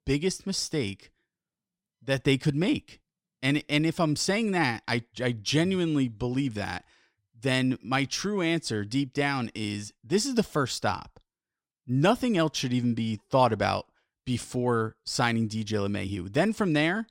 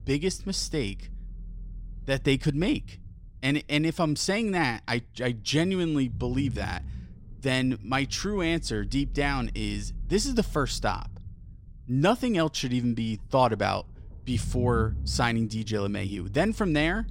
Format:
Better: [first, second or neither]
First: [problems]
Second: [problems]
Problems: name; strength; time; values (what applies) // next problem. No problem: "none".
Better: first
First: none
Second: low rumble; faint; throughout; 25 dB below the speech